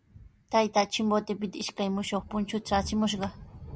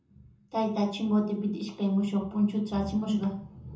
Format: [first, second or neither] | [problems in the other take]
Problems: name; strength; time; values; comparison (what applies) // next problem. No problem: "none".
first | room echo; dies away in 0.6 s